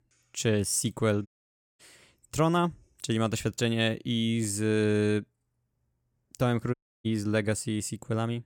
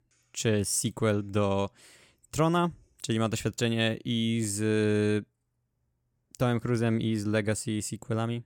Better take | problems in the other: second | audio cutting out; at 1.5 s for 0.5 s and at 6.5 s

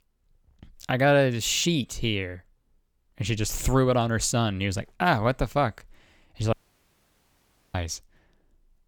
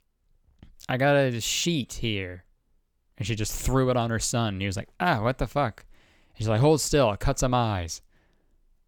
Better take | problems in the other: second | audio cutting out; at 6.5 s for 1 s

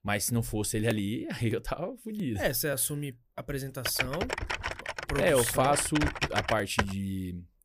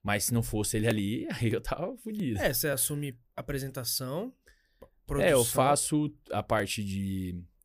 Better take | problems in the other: second | keyboard typing; noticeable; from 4 to 7 s; peak level with the speech

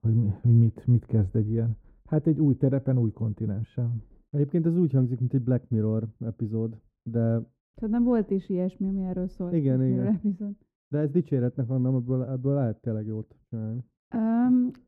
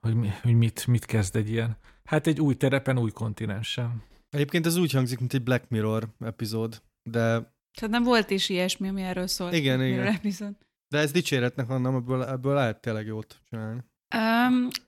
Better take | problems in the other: second | muffled; very; fading above 1 kHz

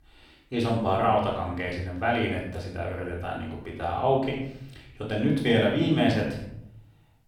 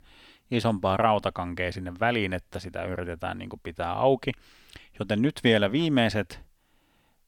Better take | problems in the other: second | room echo; noticeable; dies away in 0.7 s // off-mic speech; far

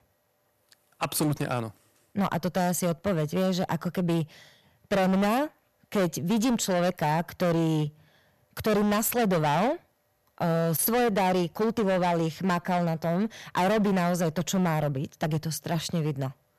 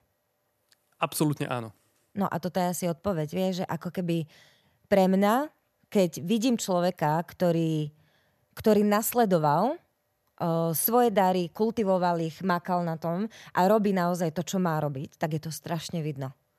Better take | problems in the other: second | distortion; heavy; 16% of the sound clipped

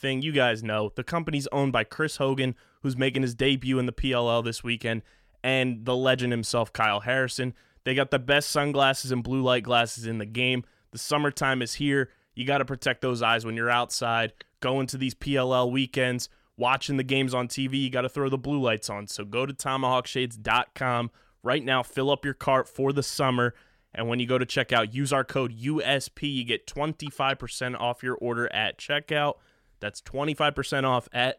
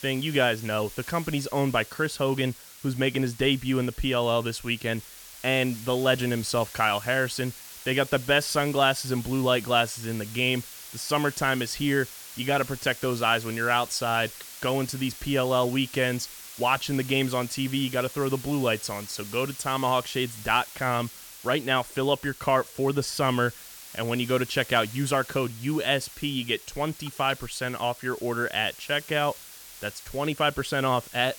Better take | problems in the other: first | hiss; noticeable; throughout; 15 dB below the speech

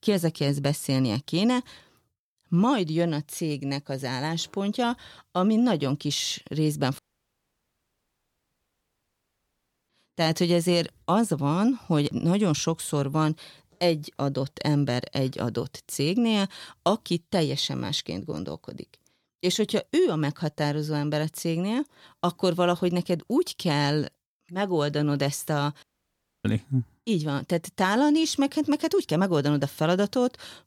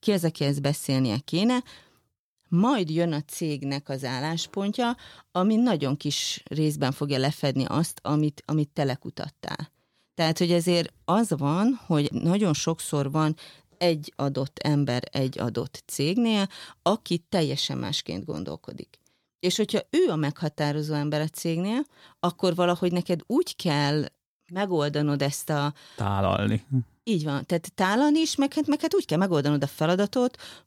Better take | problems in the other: second | audio cutting out; at 7 s for 3 s and at 26 s for 0.5 s

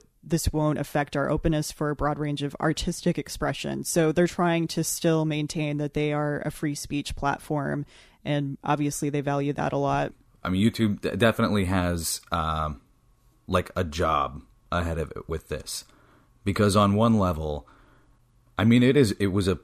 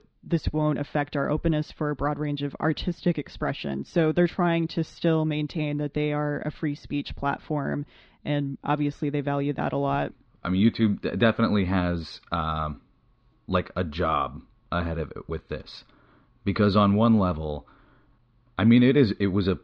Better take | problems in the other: first | muffled; very slightly; fading above 4 kHz

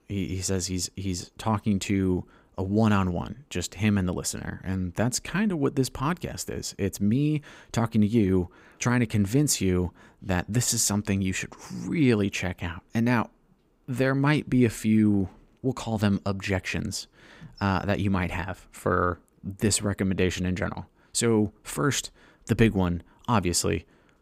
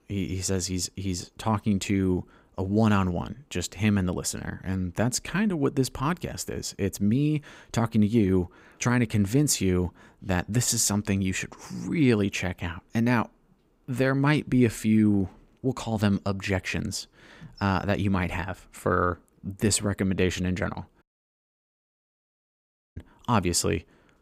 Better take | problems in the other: first | audio cutting out; at 21 s for 2 s

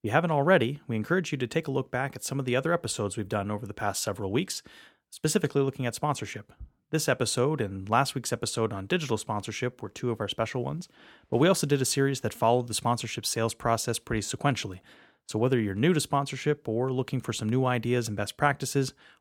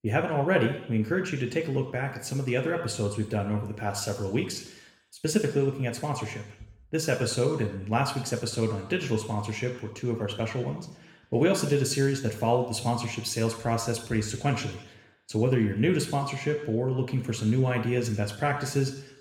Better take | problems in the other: first | room echo; slight; dies away in 0.8 s

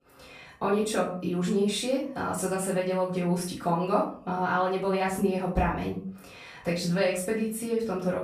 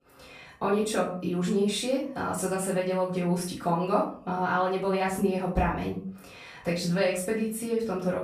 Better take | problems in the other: neither | room echo; noticeable; dies away in 0.4 s; the same in both // off-mic speech; far; the same in both

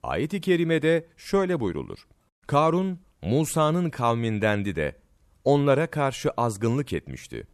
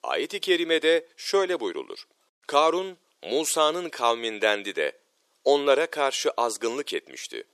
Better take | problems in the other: first | thin; very; fading below 400 Hz

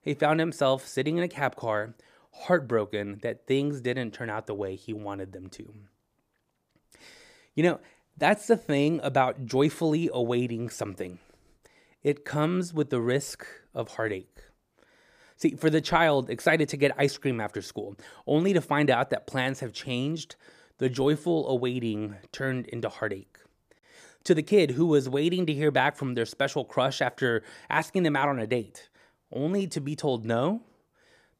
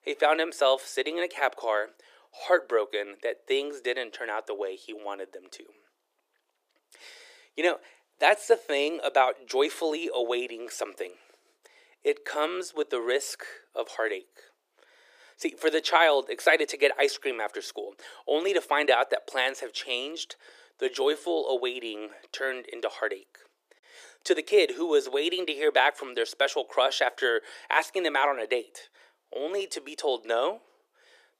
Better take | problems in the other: first | thin; very; fading below 400 Hz

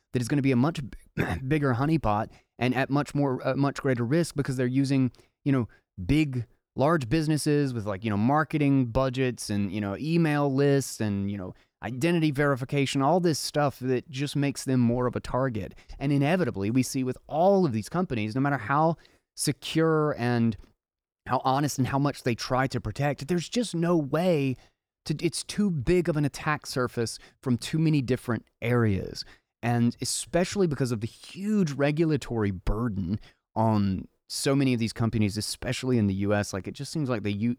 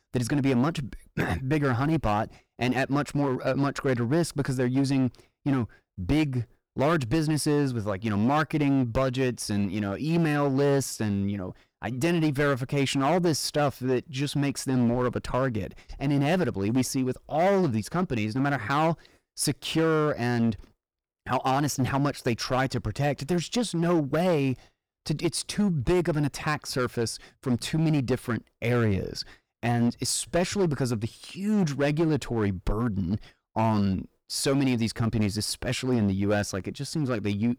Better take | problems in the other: first | distortion; slight; 9% of the sound clipped

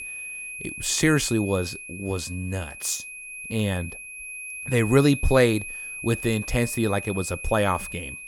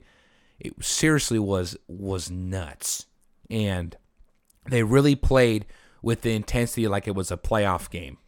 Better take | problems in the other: second | high-pitched whine; loud; throughout; 2.5 kHz, 10 dB below the speech

